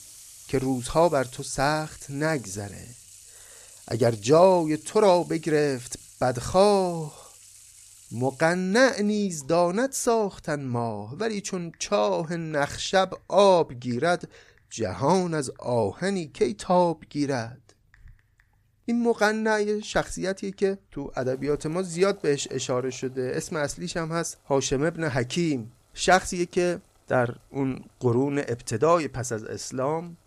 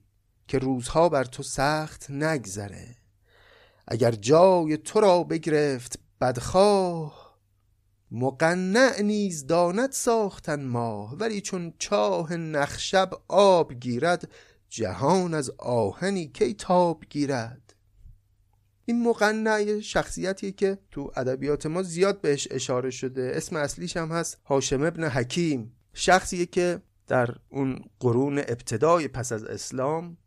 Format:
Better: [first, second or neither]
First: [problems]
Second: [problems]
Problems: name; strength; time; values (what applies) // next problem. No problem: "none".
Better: second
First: household noises; faint; throughout; 20 dB below the speech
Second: none